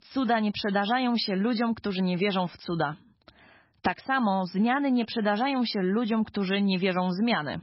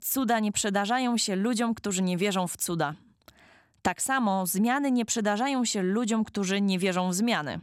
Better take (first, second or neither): second